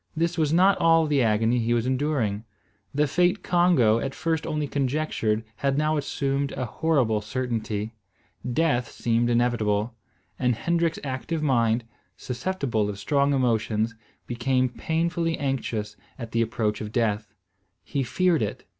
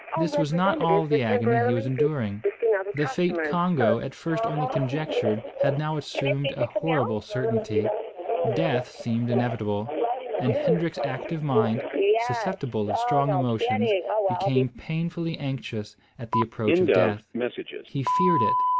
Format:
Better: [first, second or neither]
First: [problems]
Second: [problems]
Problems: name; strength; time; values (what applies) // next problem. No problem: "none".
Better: first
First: none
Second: background sound (Telephone); 1 dB above the speech